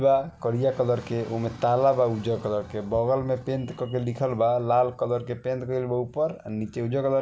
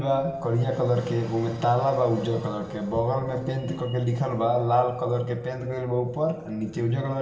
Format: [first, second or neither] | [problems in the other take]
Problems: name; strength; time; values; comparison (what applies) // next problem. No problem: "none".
first | room echo; dies away in 1.2 s